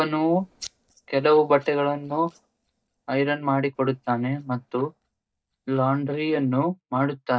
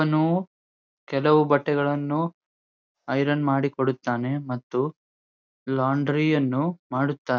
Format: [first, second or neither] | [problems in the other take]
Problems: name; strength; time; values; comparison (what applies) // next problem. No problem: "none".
second | noise reduction (neural mask model DeepFilterNet 3)